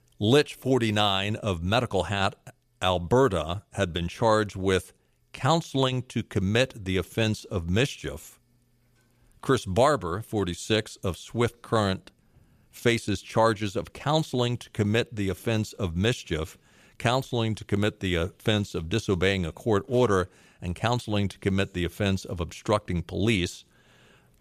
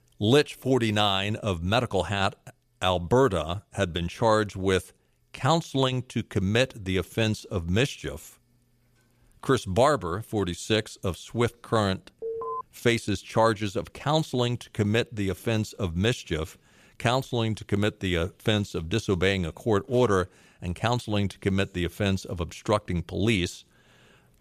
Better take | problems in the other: first | alarm; noticeable; at 12 s; peak 6 dB below the speech

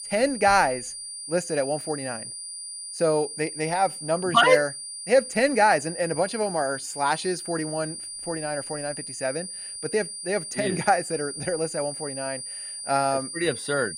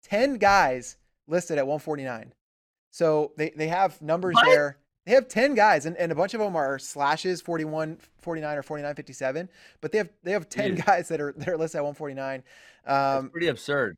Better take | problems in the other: second | high-pitched whine; loud; throughout; 9.5 kHz, 8 dB below the speech

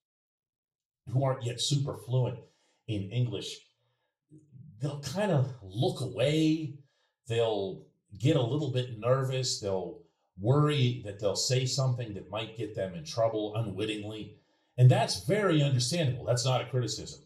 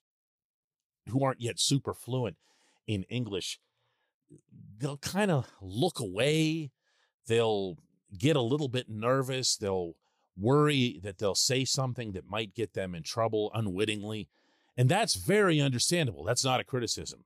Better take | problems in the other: second | room echo; very slight; dies away in 0.3 s // off-mic speech; far

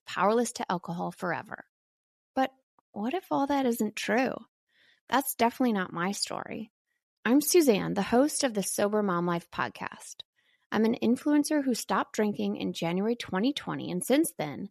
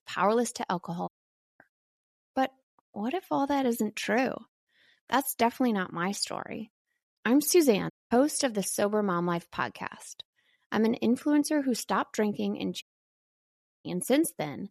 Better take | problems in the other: first | audio cutting out; at 1 s for 0.5 s, at 8 s and at 13 s for 1 s

